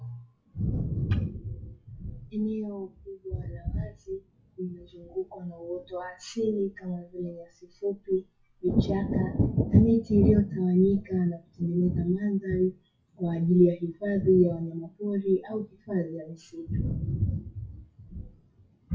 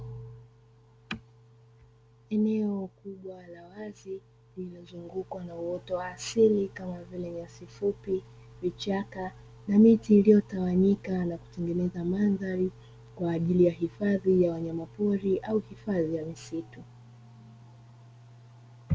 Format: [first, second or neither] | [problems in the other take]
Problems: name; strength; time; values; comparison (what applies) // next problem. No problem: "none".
second | noise reduction (classical method WPE with log-MMSE)